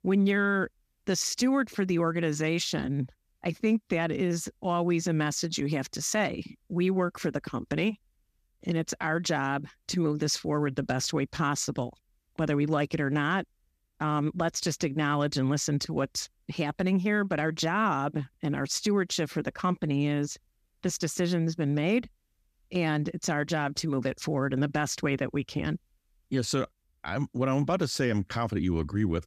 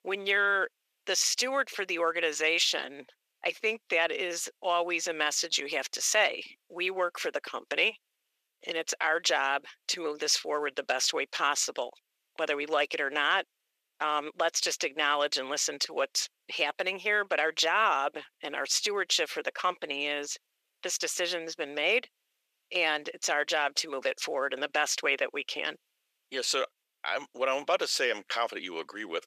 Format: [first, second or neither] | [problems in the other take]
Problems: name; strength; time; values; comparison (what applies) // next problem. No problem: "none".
first | thin; very; fading below 500 Hz